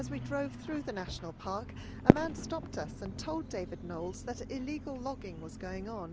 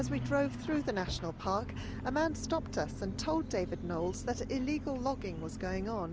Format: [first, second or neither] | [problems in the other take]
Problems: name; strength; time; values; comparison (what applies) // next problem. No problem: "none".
second | background sound (Fireworks); 2 dB above the speech